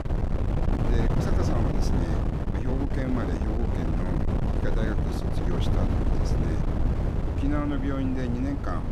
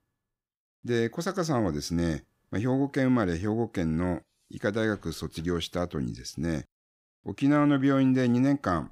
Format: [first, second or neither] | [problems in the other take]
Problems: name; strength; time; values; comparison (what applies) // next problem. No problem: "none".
second | wind noise on the microphone; heavy; 1 dB above the speech